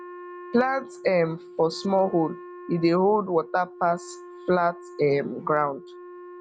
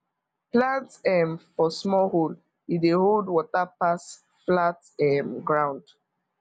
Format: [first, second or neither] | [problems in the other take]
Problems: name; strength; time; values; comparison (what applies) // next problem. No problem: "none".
second | background sound (Wind instrument, woodwind instrument); 17 dB below the speech